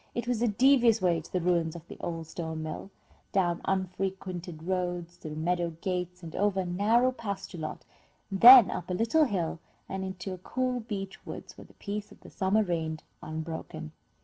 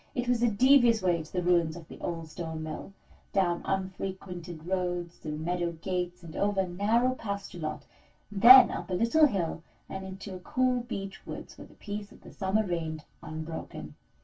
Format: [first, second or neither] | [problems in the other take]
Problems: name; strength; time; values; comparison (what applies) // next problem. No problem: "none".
first | room echo; dies away in 0.1 s